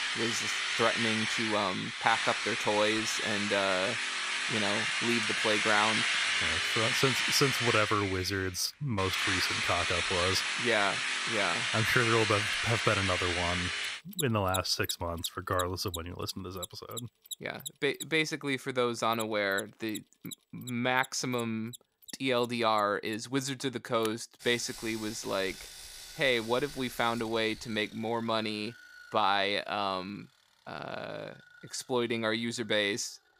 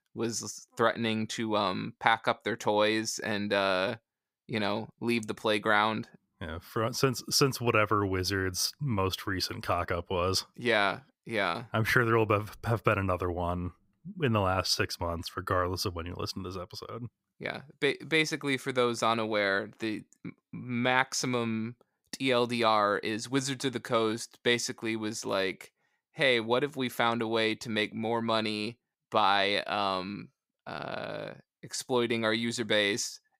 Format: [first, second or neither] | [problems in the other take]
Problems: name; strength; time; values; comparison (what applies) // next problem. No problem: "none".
second | machinery noise; very loud; throughout; 1 dB above the speech